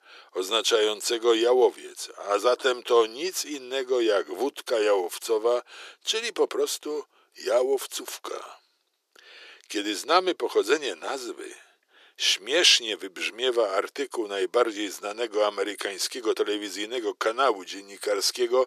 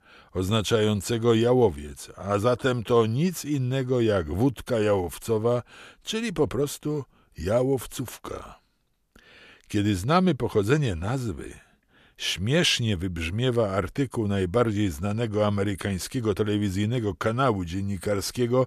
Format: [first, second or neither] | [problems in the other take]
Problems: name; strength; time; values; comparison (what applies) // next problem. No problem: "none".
second | thin; very; fading below 350 Hz